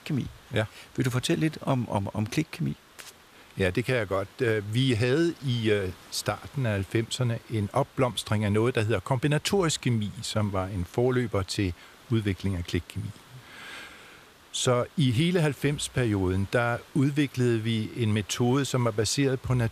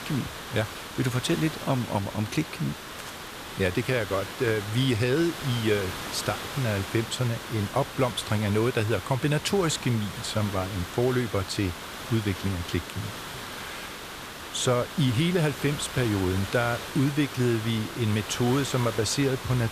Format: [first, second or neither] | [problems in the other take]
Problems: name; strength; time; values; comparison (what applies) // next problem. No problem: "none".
first | hiss; loud; throughout; 9 dB below the speech; faint in the first